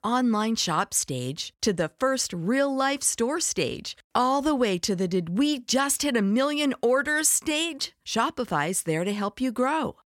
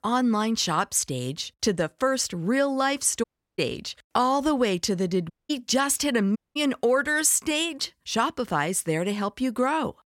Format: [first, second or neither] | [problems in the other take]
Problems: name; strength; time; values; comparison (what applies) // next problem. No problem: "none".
first | audio cutting out; at 3 s, at 5.5 s and at 6.5 s